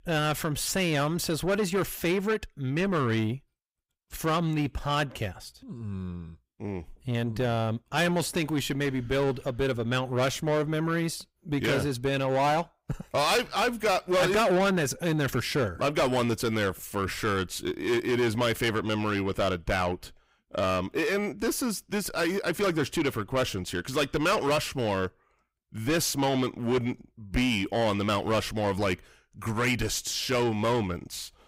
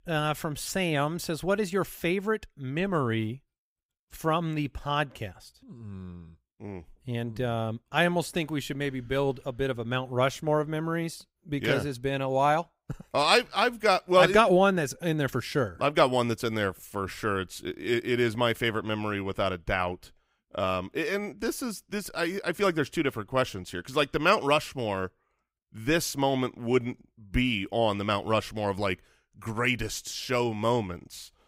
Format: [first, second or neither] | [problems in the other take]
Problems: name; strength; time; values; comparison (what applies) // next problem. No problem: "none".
second | distortion; heavy; 7 dB below the speech